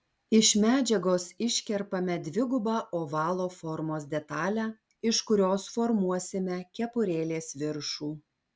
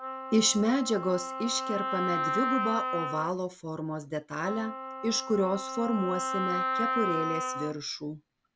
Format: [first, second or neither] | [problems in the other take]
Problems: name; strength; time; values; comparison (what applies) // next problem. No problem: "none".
first | background sound (Wind instrument, woodwind instrument); 3 dB below the speech